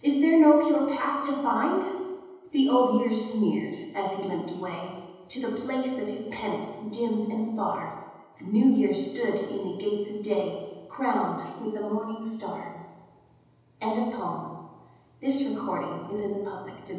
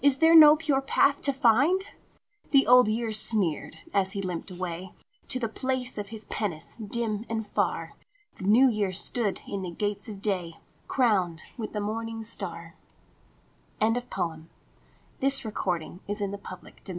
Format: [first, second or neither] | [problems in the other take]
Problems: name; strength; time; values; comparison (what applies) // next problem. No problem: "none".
second | room echo; dies away in 1.1 s